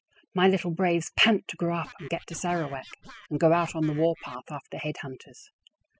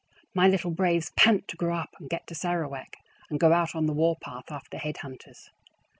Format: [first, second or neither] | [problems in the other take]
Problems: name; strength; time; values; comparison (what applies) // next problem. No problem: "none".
second | noise reduction (classical method spectral subtraction)